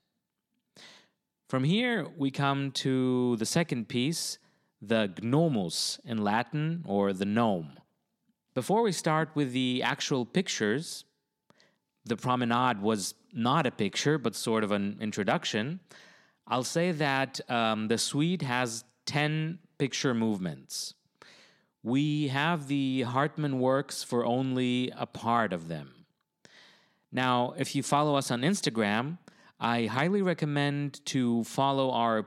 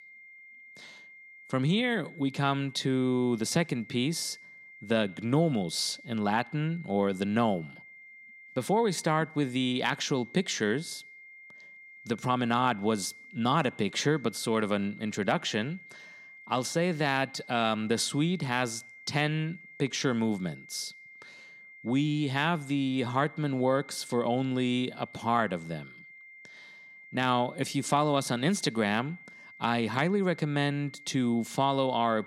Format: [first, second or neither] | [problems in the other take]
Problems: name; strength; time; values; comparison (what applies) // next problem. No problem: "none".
first | high-pitched whine; noticeable; throughout; 2 kHz, 20 dB below the speech